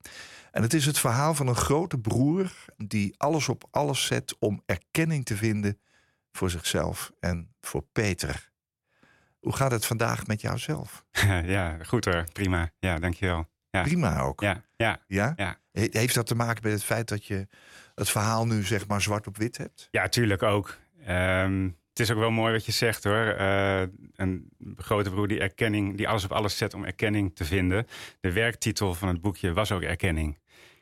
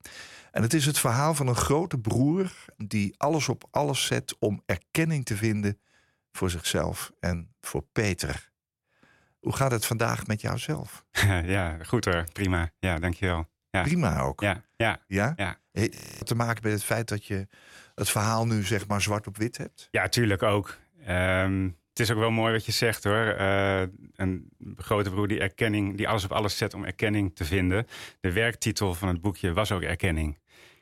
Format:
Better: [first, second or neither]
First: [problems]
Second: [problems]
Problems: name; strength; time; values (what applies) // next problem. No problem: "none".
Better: first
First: none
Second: audio freezing; at 16 s